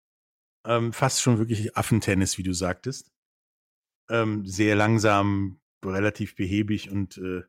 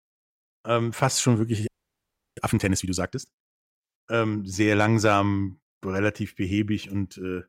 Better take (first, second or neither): first